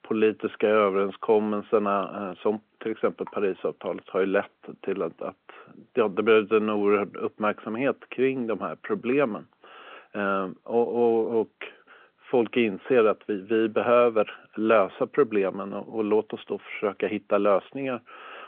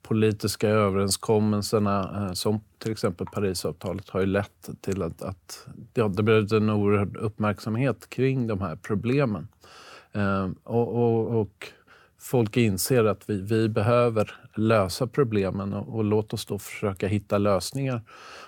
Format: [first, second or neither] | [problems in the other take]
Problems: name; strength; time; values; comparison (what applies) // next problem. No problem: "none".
second | phone-call audio